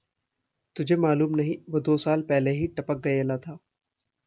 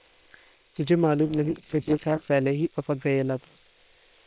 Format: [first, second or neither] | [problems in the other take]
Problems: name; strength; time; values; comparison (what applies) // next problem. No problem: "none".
first | noise reduction (neural separator model SepFormer WHAM!)